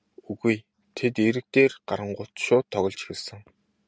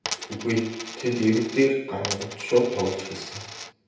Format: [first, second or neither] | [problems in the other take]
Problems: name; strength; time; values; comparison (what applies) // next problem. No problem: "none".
first | background sound (Coin (dropping)); 11 dB below the speech // room echo; dies away in 0.8 s